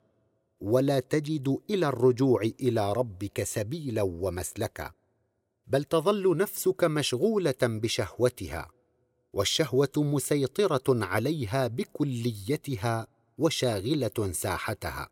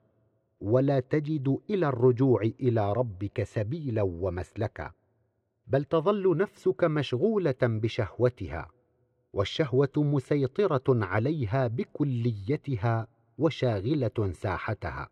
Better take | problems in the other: first | muffled; slightly; fading above 2.5 kHz

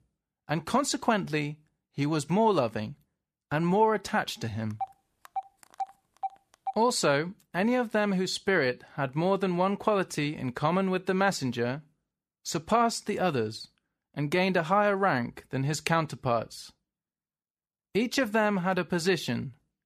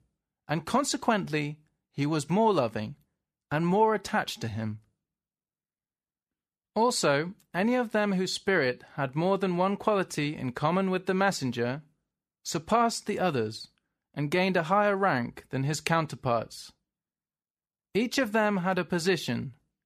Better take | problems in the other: second | phone ringing; faint; from 5 to 6.5 s; peak 10 dB below the speech

